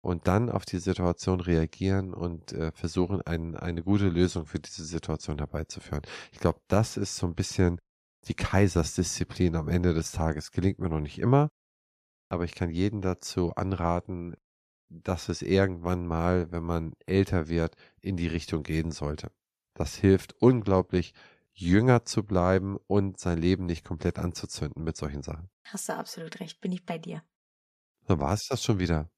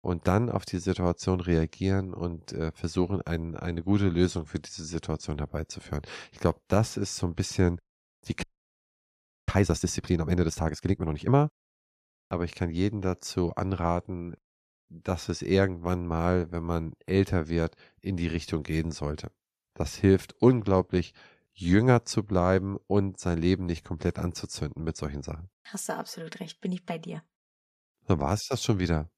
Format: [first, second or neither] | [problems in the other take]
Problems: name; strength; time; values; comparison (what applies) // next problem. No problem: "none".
first | audio freezing; at 8.5 s for 1 s